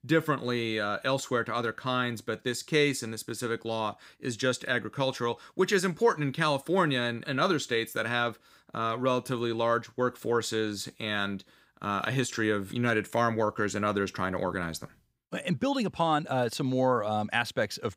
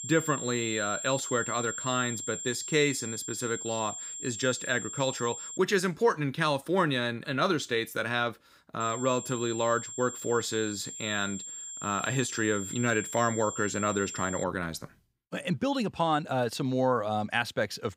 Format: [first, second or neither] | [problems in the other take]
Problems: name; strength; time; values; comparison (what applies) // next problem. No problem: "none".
first | high-pitched whine; loud; until 5.5 s and from 9 to 14 s; 7.5 kHz, 7 dB below the speech